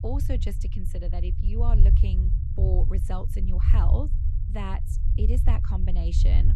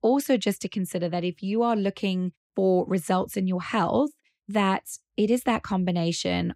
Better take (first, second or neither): second